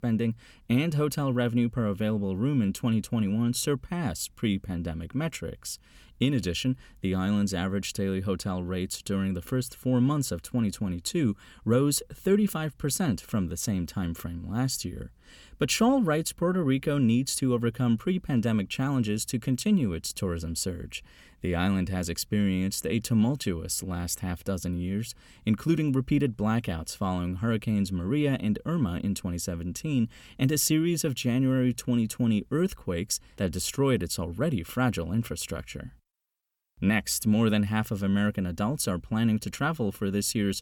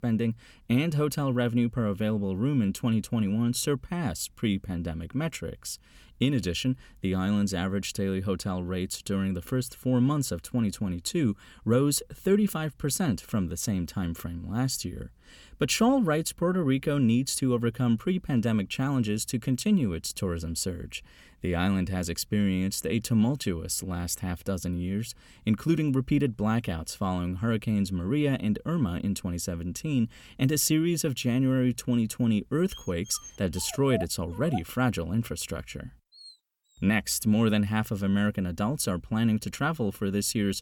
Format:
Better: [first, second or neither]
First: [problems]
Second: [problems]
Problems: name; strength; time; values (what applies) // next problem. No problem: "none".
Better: first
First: none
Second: dog barking; noticeable; from 33 to 36 s; peak 9 dB below the speech